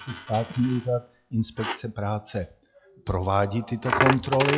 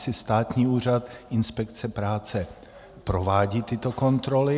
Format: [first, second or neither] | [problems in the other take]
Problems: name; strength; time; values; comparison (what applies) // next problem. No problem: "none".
second | noise reduction (classical method log-MMSE)